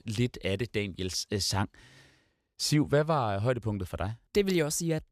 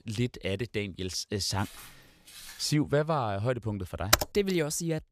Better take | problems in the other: first | footsteps; faint; from 1.5 to 2.5 s; peak 15 dB below the speech // keyboard typing; loud; at 4 s; peak 5 dB above the speech

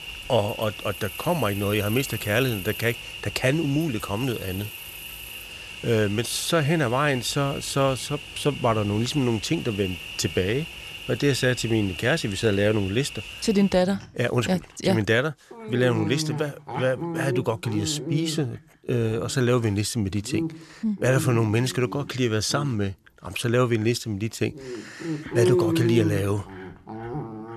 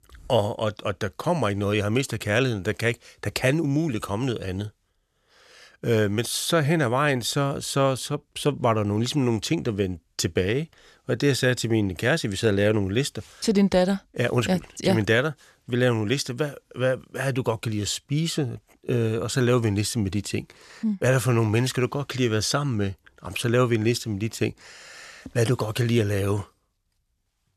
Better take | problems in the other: second | animal sounds; loud; throughout; 8 dB below the speech

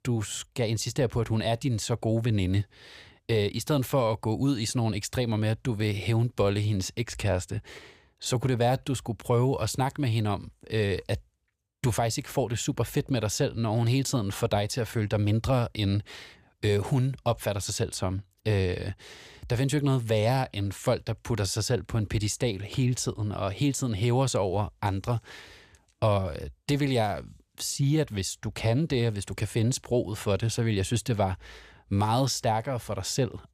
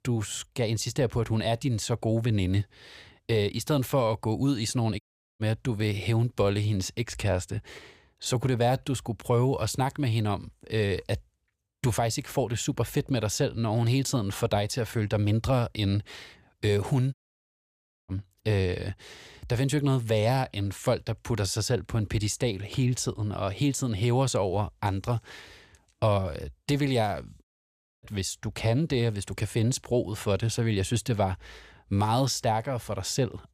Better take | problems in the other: first | audio cutting out; at 5 s, at 17 s for 1 s and at 27 s for 0.5 s

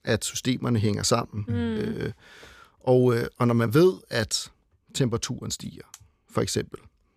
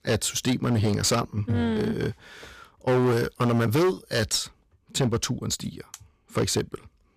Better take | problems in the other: first | distortion; heavy; 11% of the sound clipped

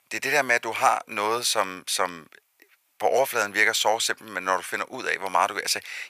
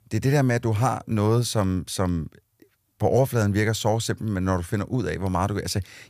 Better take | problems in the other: second | thin; very; fading below 800 Hz

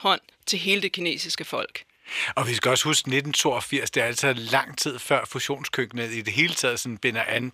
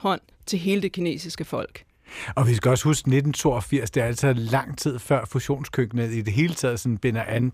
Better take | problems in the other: second | thin; somewhat; fading below 600 Hz

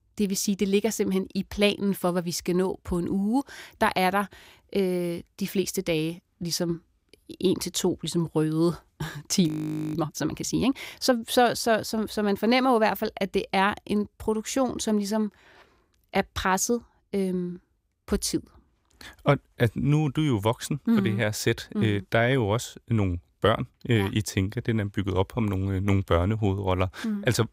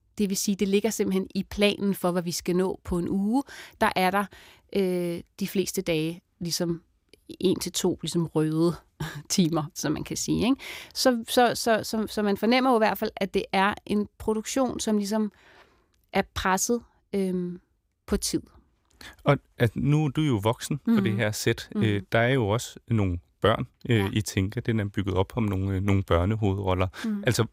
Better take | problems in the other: second | audio freezing; at 9.5 s

